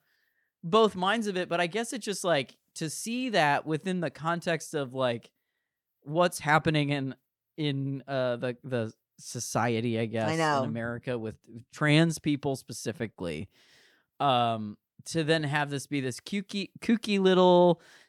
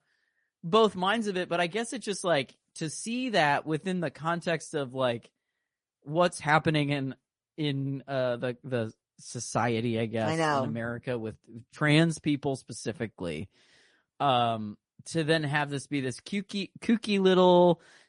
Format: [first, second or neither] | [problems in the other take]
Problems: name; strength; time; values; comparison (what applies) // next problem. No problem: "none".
first | garbled, watery; slightly; nothing above 10.5 kHz